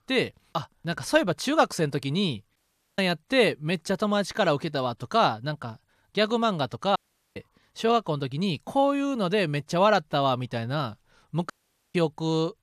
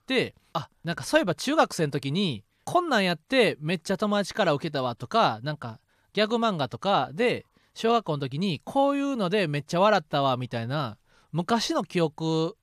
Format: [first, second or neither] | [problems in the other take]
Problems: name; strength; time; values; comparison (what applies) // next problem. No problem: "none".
second | audio cutting out; at 2.5 s, at 7 s and at 12 s